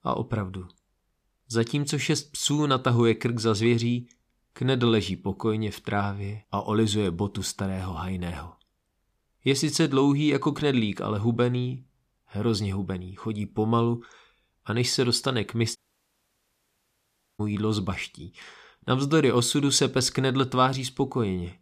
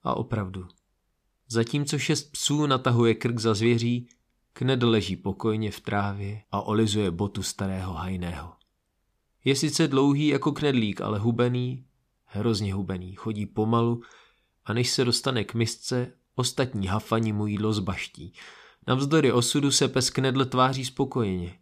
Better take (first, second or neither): second